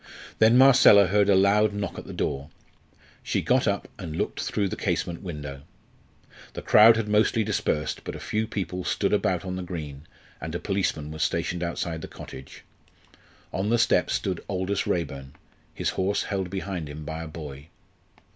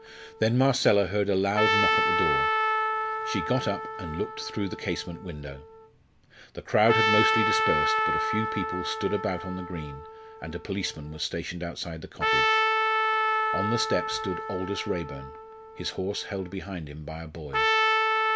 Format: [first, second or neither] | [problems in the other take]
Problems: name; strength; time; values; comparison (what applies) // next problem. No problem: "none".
first | background sound (Trumpet); 2 dB above the speech